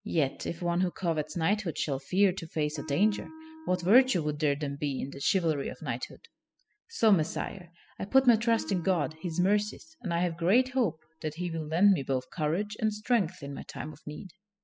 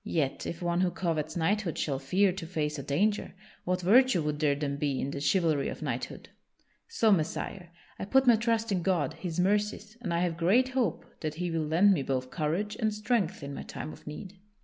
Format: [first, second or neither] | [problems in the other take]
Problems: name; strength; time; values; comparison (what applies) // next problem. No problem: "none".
second | noise reduction (classical method spectral subtraction)